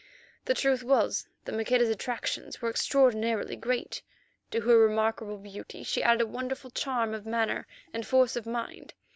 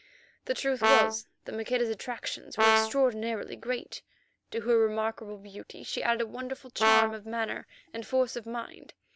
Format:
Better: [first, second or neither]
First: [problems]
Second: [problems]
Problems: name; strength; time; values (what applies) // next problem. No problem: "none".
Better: first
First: none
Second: background sound (Brass instrument); 3 dB above the speech